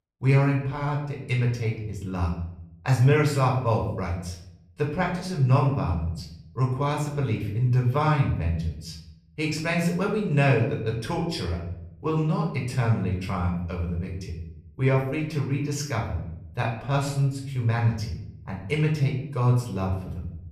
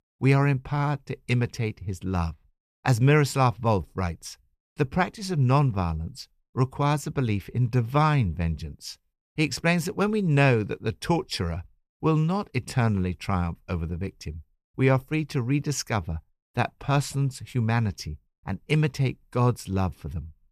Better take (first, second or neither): second